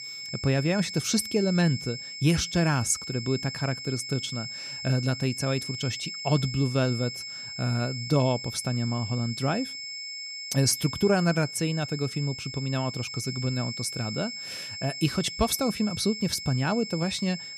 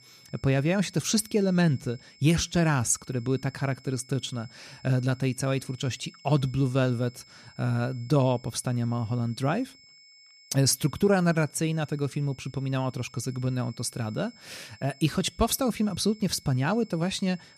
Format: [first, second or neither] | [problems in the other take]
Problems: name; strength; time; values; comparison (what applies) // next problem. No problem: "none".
second | high-pitched whine; loud; throughout; 5 kHz, 7 dB below the speech; faint in the second